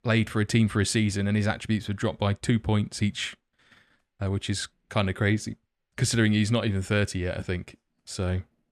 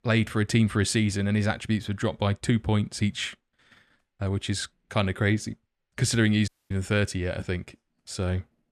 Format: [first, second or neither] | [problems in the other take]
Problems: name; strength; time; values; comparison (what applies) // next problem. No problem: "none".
first | audio cutting out; at 6.5 s